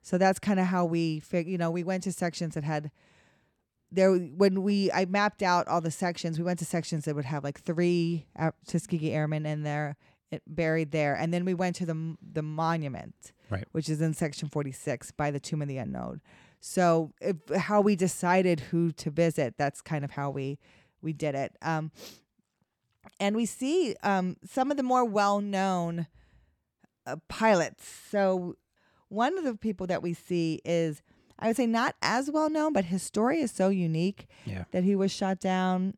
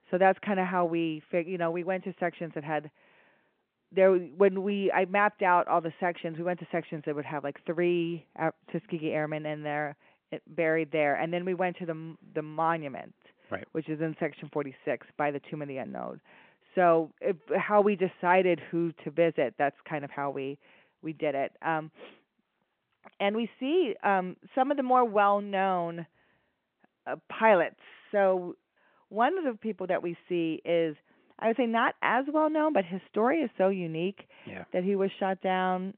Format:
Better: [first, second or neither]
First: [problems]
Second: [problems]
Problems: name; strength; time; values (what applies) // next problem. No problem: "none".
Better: first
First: none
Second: phone-call audio